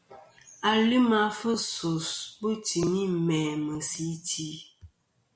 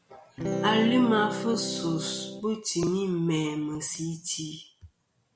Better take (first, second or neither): first